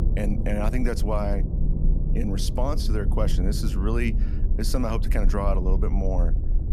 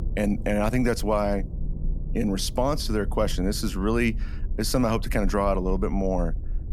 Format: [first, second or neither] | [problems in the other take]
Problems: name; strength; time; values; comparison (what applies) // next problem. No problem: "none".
second | low rumble; loud; throughout; 10 dB below the speech; faint in the second